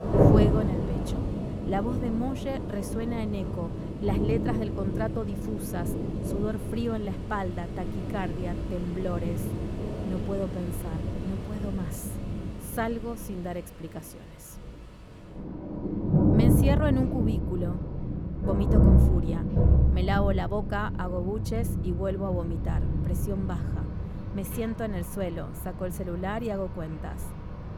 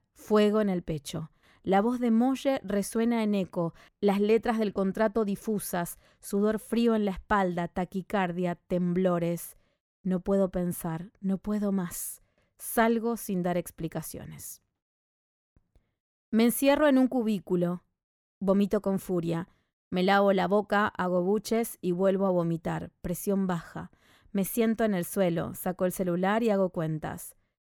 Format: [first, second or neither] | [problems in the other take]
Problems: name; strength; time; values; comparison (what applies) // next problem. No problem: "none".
second | rain or running water; very loud; throughout; 5 dB above the speech